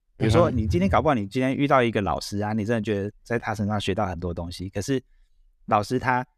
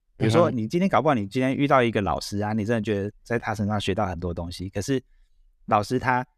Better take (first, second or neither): second